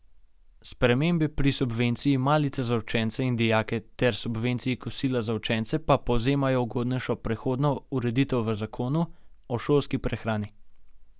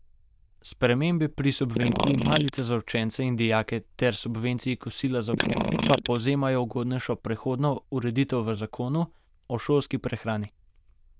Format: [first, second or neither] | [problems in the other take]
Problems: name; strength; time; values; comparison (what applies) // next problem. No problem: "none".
first | noise reduction (neural diffusion model UNIVERSE++)